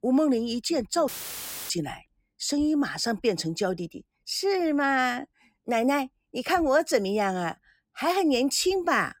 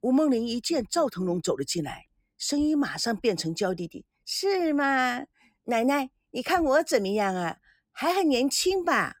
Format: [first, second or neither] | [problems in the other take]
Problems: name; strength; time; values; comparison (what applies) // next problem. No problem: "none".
second | audio cutting out; filled with static; at 1 s for 0.5 s